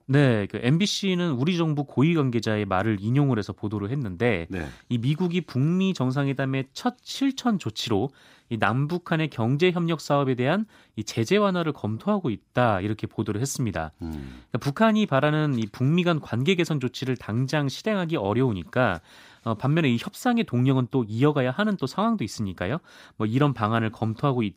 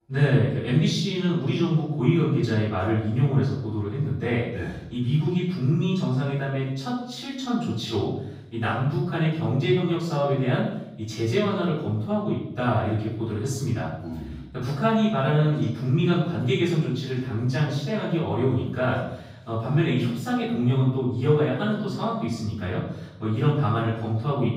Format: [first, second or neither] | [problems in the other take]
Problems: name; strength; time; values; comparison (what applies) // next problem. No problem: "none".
first | off-mic speech; far // room echo; noticeable; dies away in 0.8 s